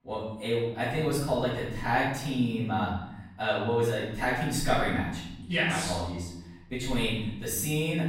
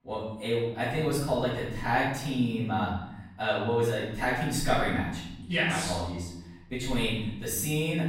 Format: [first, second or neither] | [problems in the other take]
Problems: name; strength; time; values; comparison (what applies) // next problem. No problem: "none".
neither | off-mic speech; far; the same in both // room echo; noticeable; dies away in 0.9 s; the same in both